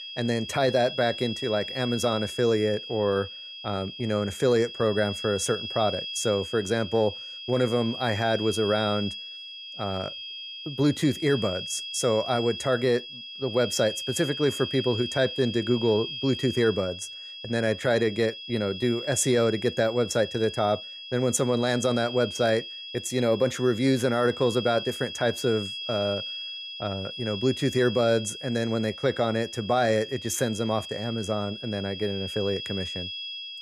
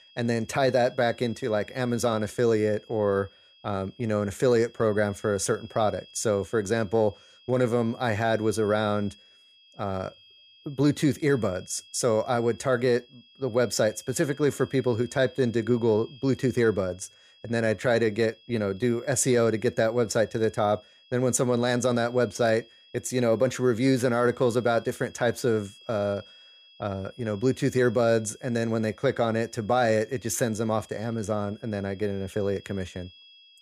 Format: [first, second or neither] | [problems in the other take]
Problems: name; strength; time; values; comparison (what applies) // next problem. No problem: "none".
second | high-pitched whine; loud; throughout; 3.5 kHz, 8 dB below the speech; faint in the second